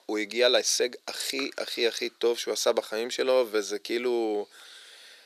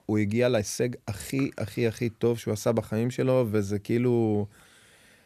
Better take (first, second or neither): second